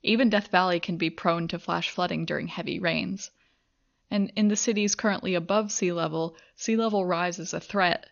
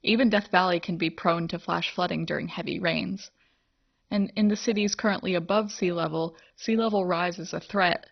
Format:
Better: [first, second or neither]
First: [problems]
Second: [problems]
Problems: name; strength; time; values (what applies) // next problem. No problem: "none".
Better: first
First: garbled, watery; slightly; nothing above 6.5 kHz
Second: garbled, watery; badly; nothing above 6 kHz